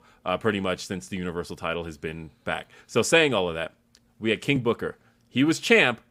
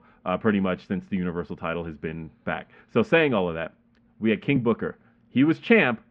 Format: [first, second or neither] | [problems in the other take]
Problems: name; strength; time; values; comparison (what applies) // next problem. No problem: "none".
first | muffled; very; fading above 2.5 kHz